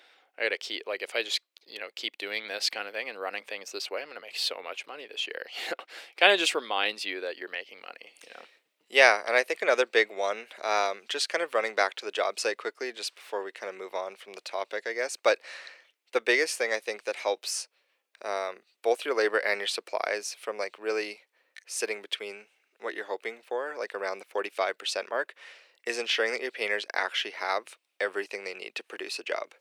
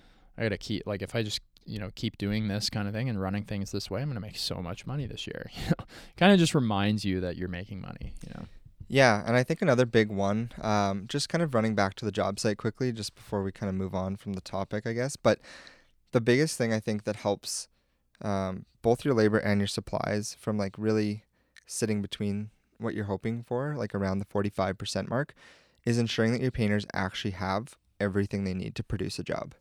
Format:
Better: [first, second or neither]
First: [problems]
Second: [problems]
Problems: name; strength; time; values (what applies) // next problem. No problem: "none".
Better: second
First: thin; very; fading below 400 Hz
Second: none